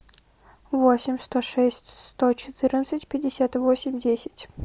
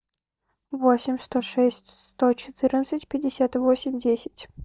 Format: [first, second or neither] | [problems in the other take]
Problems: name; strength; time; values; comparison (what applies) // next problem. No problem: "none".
first | noise reduction (neural mask model DeepFilterNet 3)